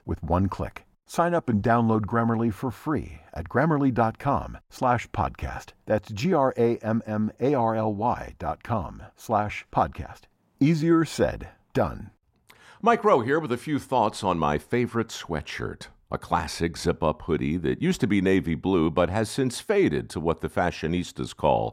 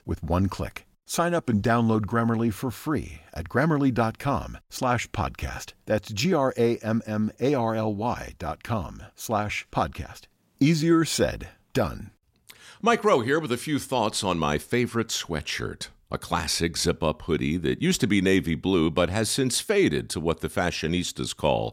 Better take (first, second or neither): second